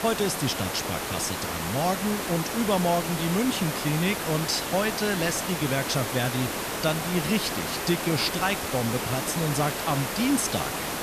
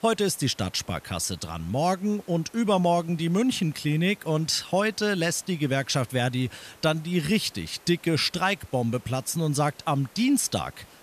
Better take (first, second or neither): second